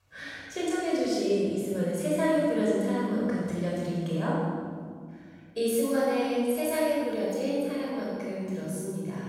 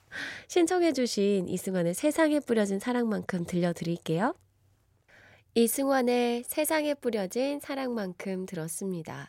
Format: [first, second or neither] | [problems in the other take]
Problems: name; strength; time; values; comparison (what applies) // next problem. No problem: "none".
second | off-mic speech; far // room echo; strong; dies away in 1.8 s